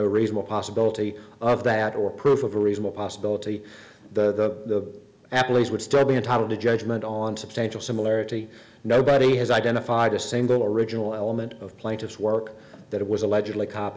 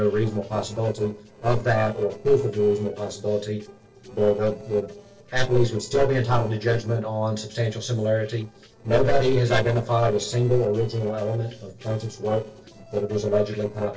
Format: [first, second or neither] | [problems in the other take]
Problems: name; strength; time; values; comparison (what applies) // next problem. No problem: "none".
first | noise reduction (neural separator model SepFormer DNS4)